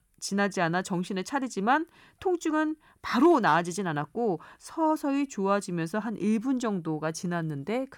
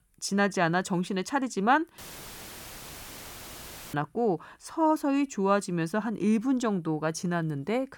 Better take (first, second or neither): first